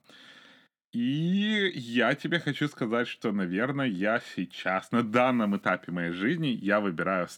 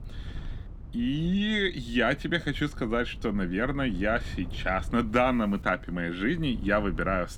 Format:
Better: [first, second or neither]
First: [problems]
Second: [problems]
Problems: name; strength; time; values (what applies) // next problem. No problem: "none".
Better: first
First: none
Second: wind noise on the microphone; occasional gusts; 25 dB below the speech